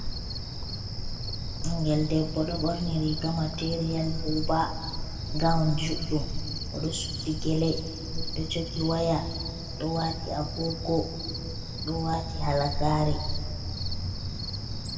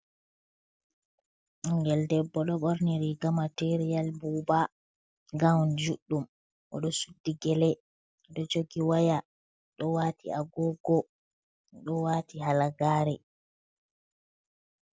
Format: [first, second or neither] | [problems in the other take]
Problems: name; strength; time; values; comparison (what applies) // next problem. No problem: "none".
second | background sound (Cricket); 2 dB below the speech // room echo; dies away in 1.8 s